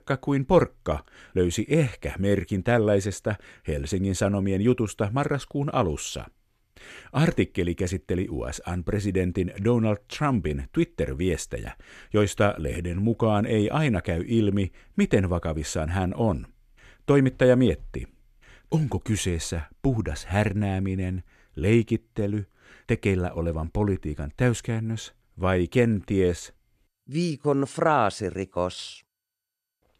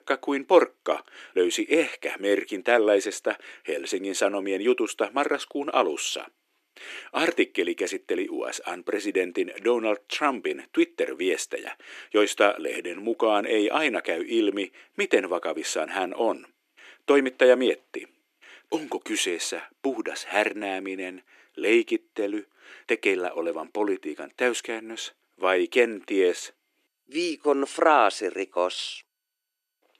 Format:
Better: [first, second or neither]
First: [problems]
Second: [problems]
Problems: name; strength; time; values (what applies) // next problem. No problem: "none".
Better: first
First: none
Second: thin; somewhat; fading below 300 Hz